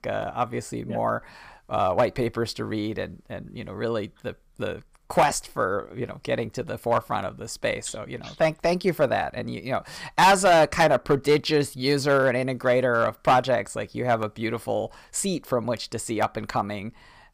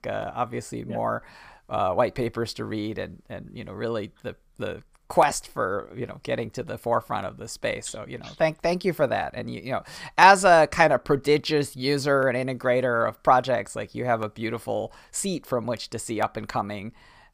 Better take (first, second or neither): second